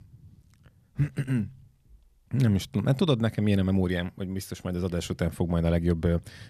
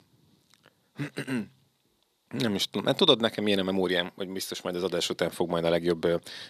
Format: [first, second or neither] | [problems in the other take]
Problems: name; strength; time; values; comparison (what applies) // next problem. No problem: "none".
first | thin; somewhat; fading below 350 Hz